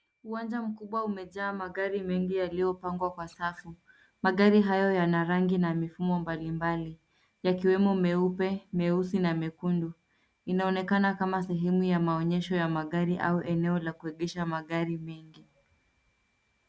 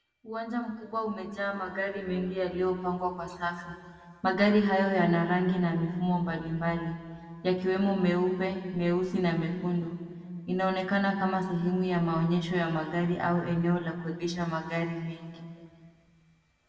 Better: first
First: none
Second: room echo; dies away in 1.9 s

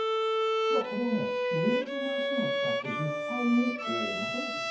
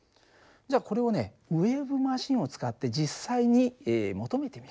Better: second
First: background sound (Bowed string instrument); 3 dB above the speech // room echo; dies away in 0.6 s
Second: none

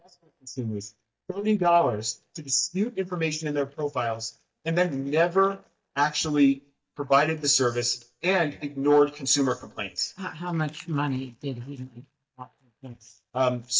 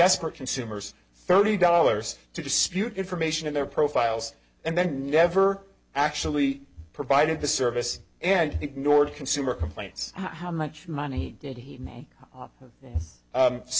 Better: second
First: noise reduction (neural mask model DeepFilterNet 3)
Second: none

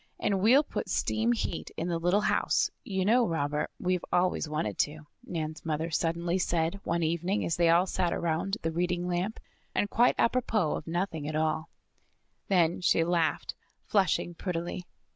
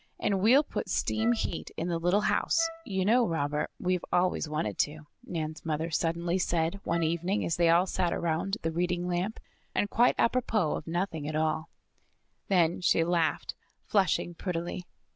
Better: first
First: none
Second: background sound (Wind instrument, woodwind instrument); 17 dB below the speech

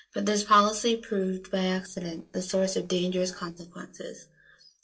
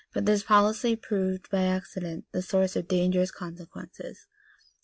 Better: second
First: noise reduction (neural separator model SepFormer DNS4)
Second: none

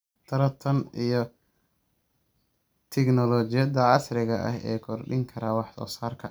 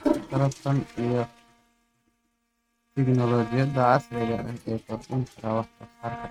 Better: first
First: none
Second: noise reduction (neural mask model RNNoise)

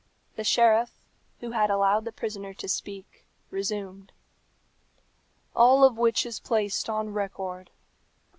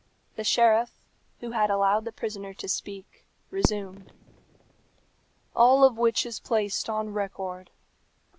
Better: first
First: none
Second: background sound (Fireworks); 13 dB below the speech

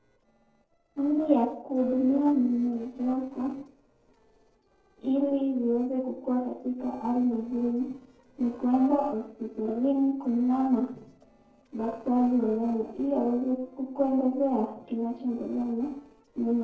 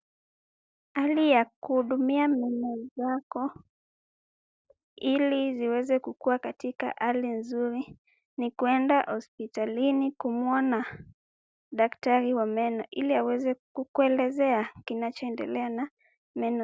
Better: second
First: noise reduction (neural separator model SepFormer DNS4)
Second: none

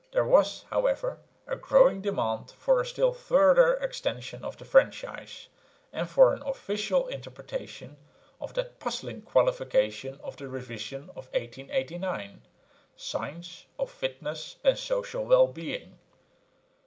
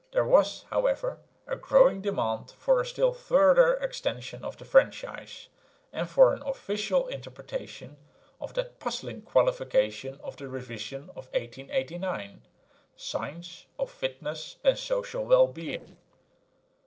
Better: first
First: none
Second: noise reduction (neural separator model SepFormer DNS4)

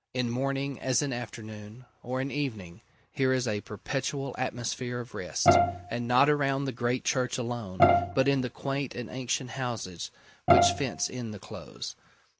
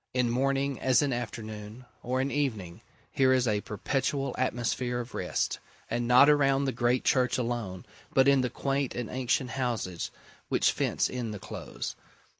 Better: second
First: background sound (Bowed string instrument); 4 dB above the speech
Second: none

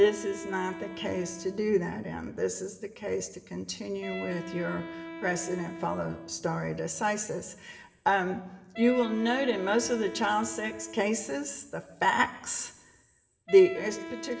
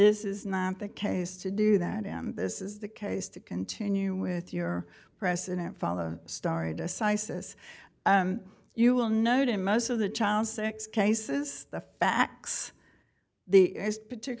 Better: second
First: background sound (Wind instrument, woodwind instrument); 14 dB below the speech // room echo; dies away in 0.9 s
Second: none

